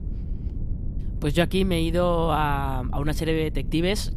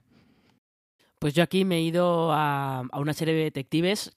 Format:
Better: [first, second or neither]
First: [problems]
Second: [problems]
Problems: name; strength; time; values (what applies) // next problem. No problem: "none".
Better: second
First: low rumble; faint; throughout; 20 dB below the speech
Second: none